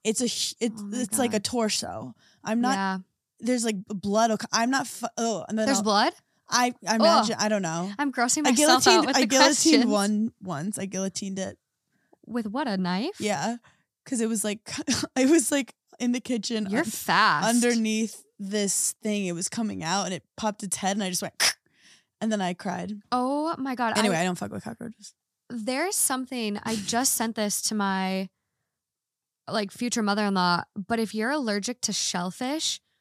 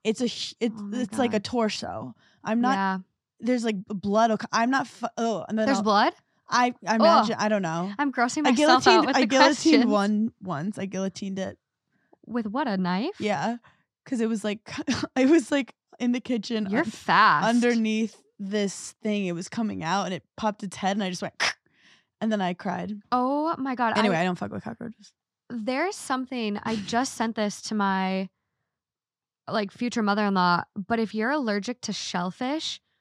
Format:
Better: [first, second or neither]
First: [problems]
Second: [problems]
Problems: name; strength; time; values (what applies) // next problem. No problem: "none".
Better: first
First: none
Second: muffled; slightly; fading above 3.5 kHz